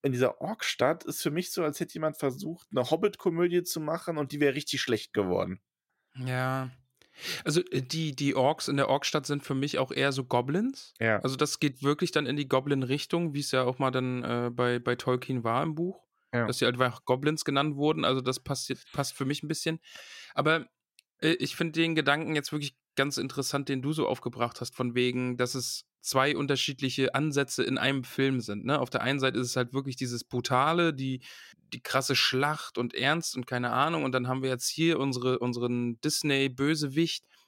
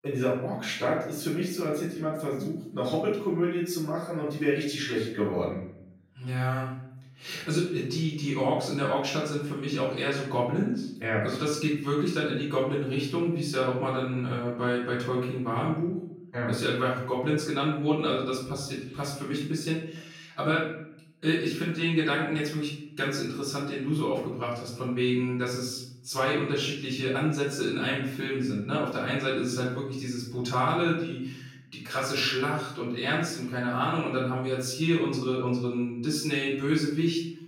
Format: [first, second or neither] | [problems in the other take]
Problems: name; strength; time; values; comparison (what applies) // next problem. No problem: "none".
first | off-mic speech; far // room echo; noticeable; dies away in 0.7 s